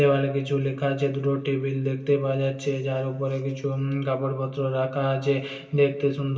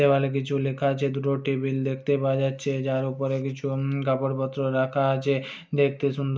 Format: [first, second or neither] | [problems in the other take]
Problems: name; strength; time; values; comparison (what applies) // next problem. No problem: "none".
second | room echo; dies away in 2.8 s